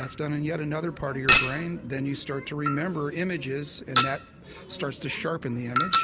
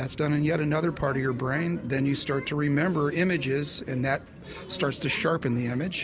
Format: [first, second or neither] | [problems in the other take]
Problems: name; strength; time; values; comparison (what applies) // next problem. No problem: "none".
second | background sound (Chink, clink); as loud as the speech